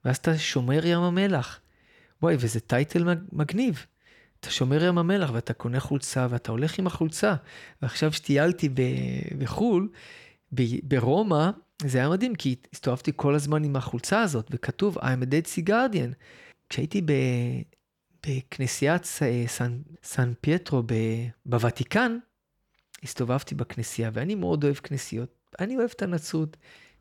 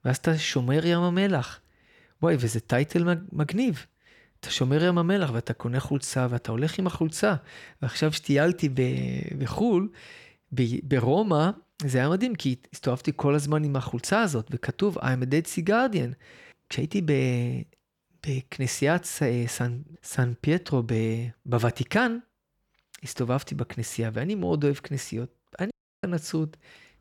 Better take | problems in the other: first | audio cutting out; at 26 s

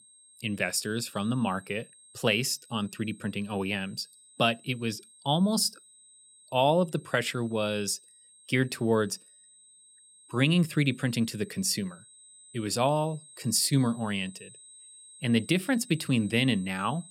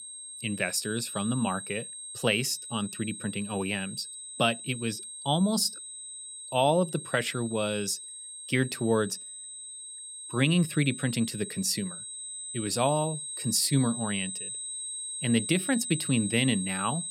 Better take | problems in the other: first | high-pitched whine; loud; throughout; 8.5 kHz, 8 dB below the speech; faint in the first

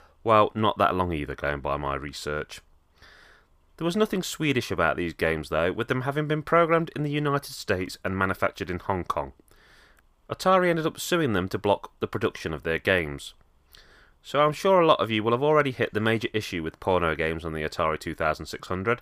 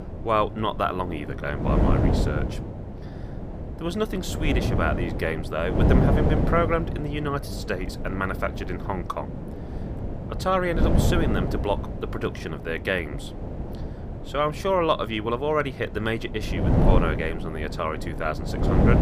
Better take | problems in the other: first | wind noise on the microphone; heavy; 7 dB below the speech

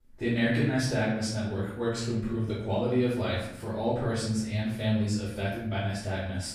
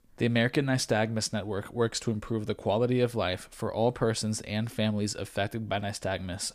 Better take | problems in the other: second | off-mic speech; far // room echo; noticeable; dies away in 0.8 s

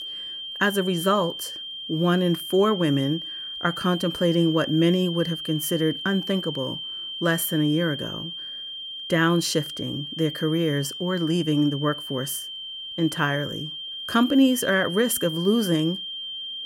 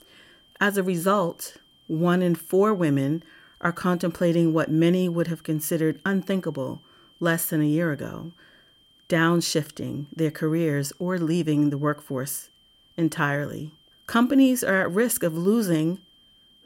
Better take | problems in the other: second | high-pitched whine; loud; throughout; 3 kHz, 8 dB below the speech; faint in the second

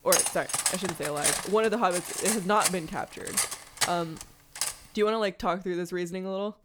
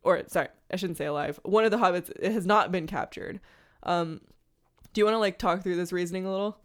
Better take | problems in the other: second | clattering dishes; loud; until 4.5 s; peak 5 dB above the speech

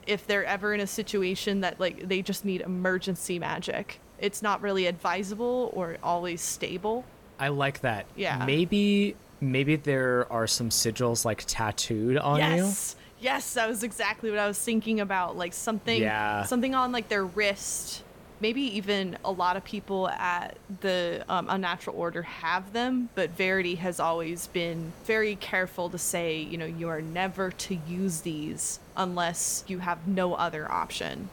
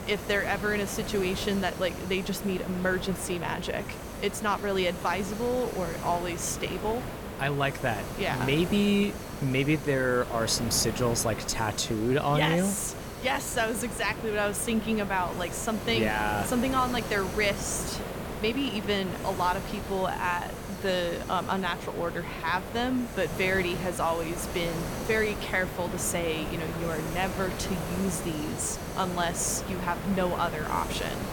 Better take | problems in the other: first | hiss; loud; throughout; 7 dB below the speech; faint in the first

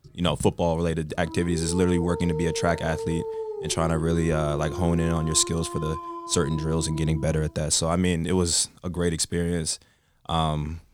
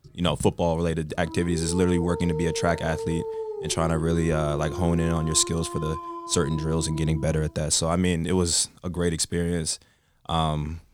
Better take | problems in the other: neither | dog barking; noticeable; from 1 to 7.5 s; peak 6 dB below the speech; the same in both

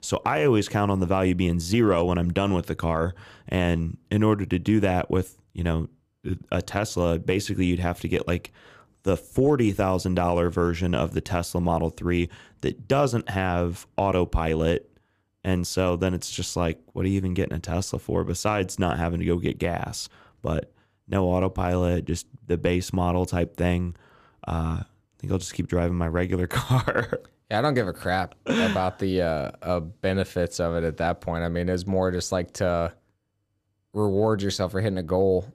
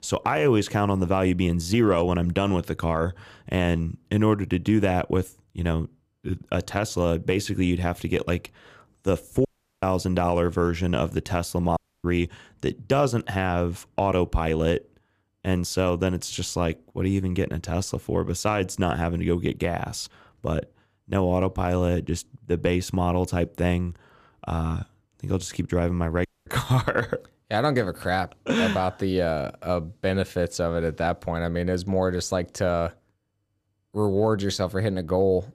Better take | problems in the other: first | audio cutting out; at 9.5 s, at 12 s and at 26 s

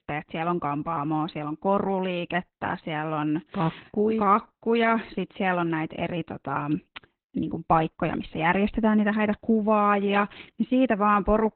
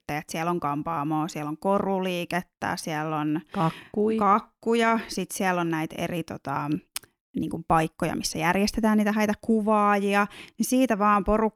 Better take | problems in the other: second | garbled, watery; badly; nothing above 4 kHz

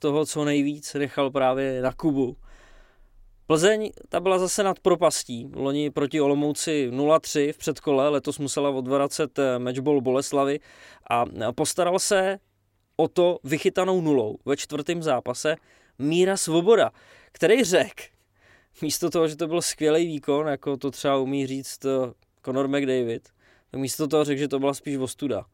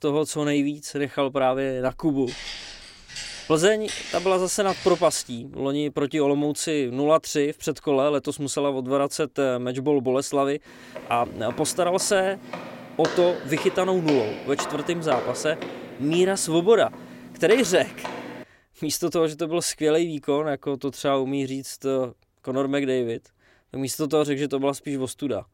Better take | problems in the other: first | footsteps; noticeable; from 2.5 to 5 s and from 11 to 18 s; peak 6 dB below the speech

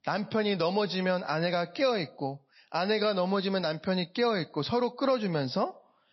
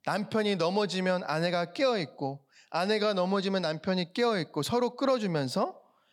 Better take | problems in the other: second | garbled, watery; slightly; nothing above 5.5 kHz

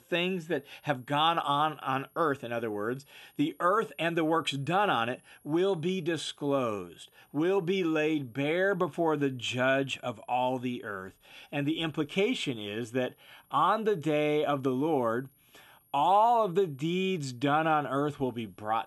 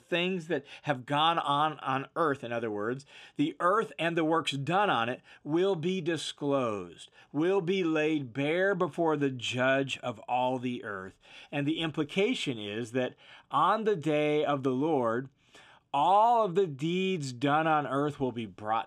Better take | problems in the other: second | high-pitched whine; faint; throughout; 11.5 kHz, 35 dB below the speech

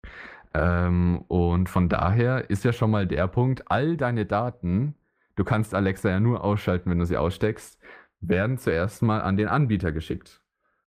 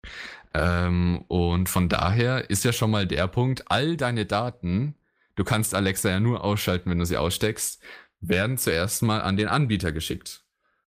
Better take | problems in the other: second | muffled; very; fading above 3 kHz

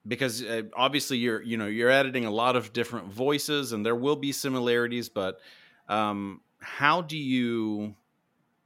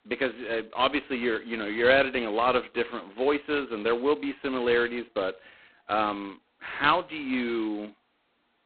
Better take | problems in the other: first | phone-call audio; poor line; nothing above 4 kHz

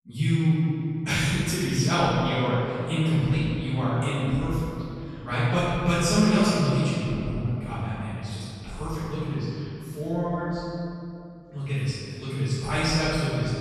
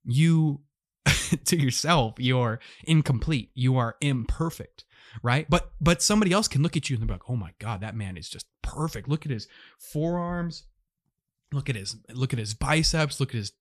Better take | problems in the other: second | off-mic speech; far // room echo; strong; dies away in 2.6 s

